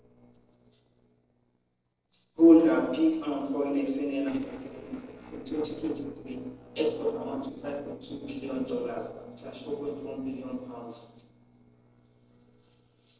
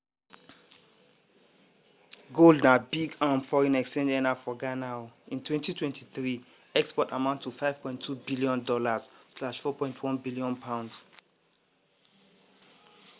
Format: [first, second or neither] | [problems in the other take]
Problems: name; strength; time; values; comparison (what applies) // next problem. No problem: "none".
second | noise reduction (neural separator model SepFormer DNS4)